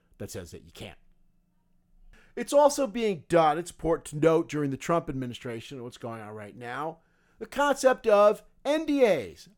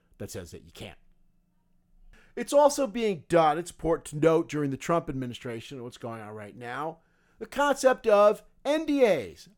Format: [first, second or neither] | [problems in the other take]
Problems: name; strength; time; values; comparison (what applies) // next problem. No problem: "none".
neither | none